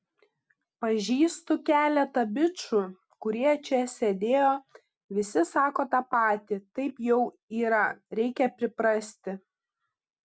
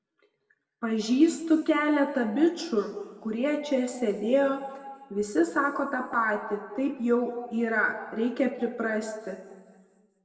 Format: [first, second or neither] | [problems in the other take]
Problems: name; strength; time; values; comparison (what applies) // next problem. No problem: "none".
first | room echo; dies away in 1.4 s